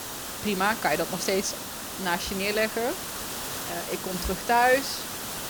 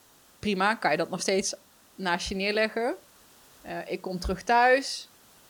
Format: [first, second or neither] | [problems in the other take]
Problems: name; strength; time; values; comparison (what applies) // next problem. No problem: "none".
second | hiss; loud; throughout; 6 dB below the speech; faint in the second